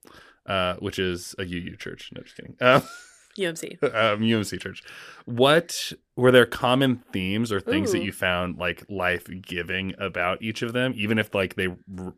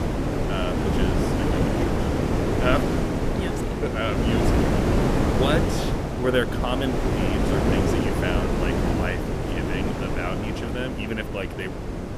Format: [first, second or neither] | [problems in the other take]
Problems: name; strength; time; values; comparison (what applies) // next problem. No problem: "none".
first | wind noise on the microphone; heavy; 2 dB above the speech